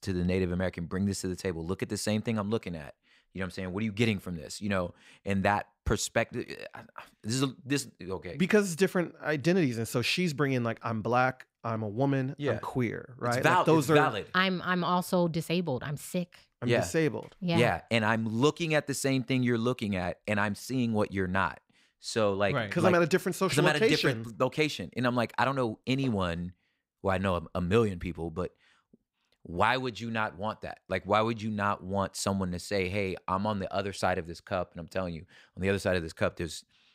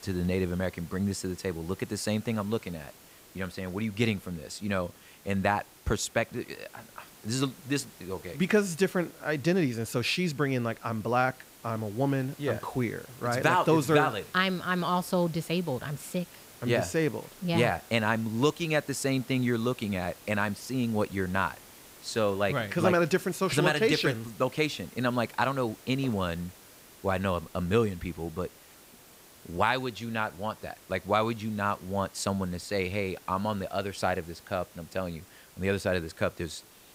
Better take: first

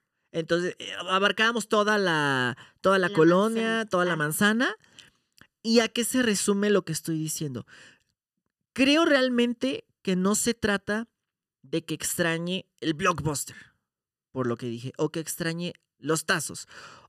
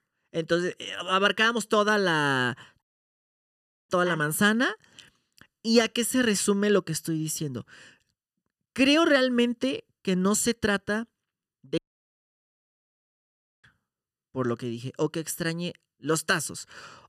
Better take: first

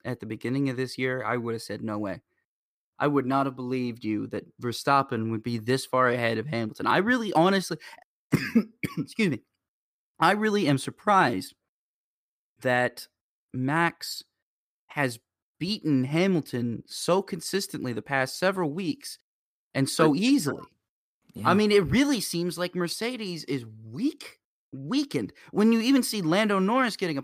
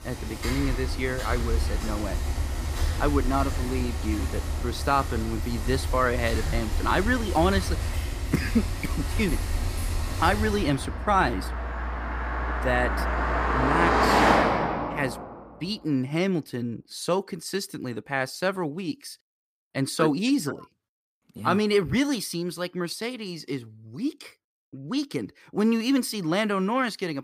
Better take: first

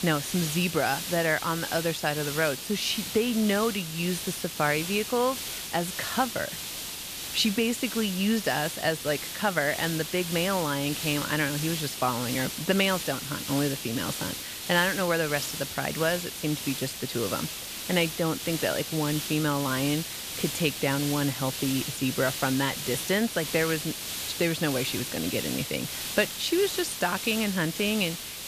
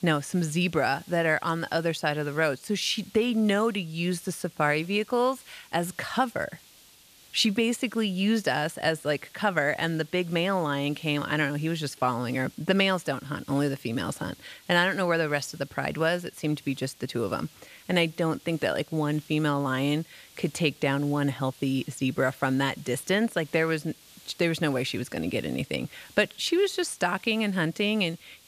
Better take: second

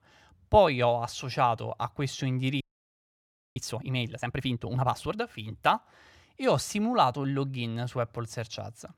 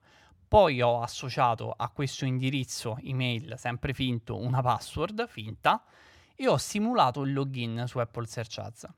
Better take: second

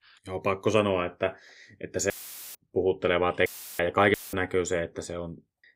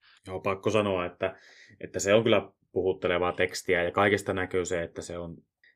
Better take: second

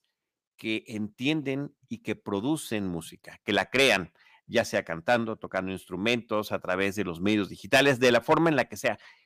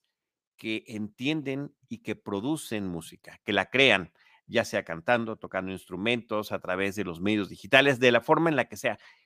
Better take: second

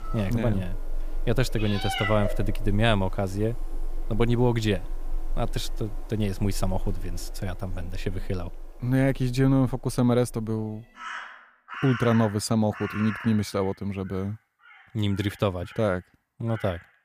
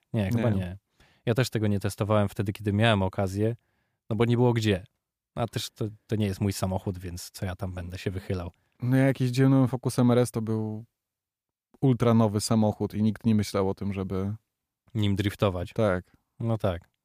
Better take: second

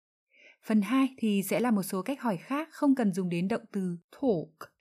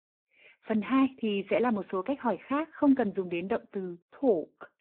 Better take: first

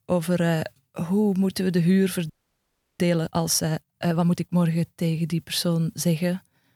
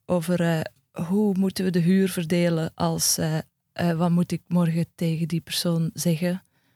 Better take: second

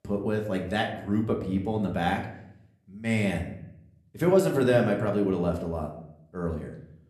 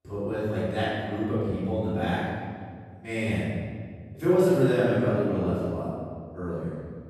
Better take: first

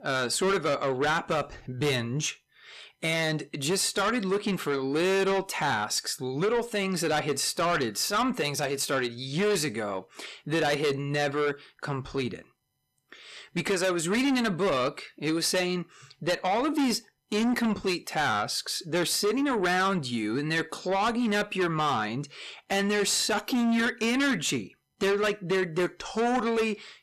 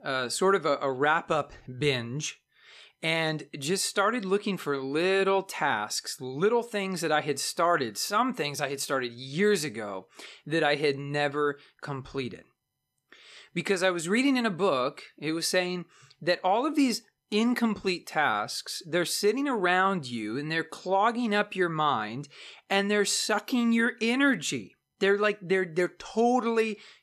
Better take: second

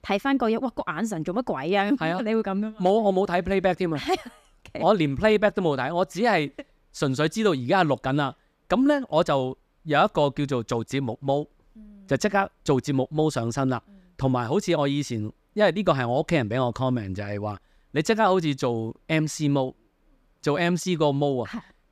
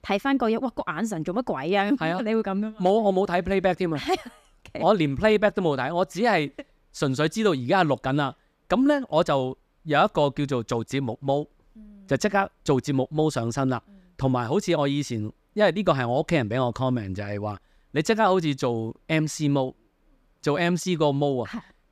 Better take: neither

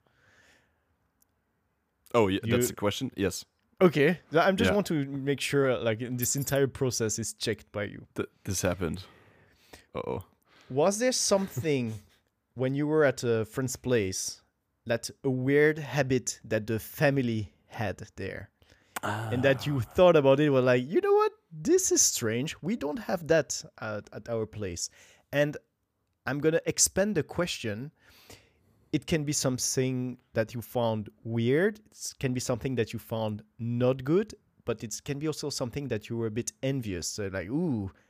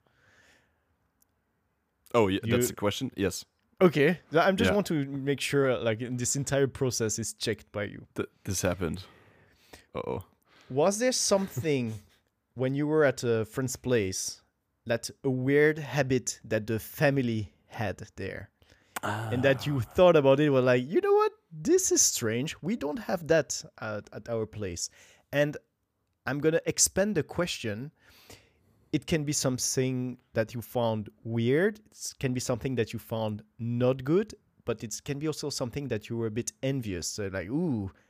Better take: second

